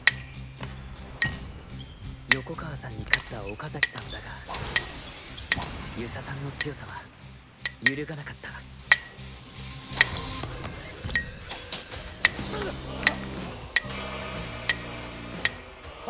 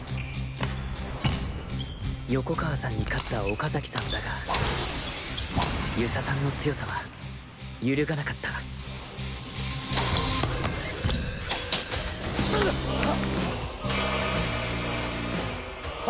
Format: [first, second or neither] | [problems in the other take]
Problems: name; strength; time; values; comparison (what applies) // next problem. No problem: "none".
second | background sound (Chink, clink); 3 dB above the speech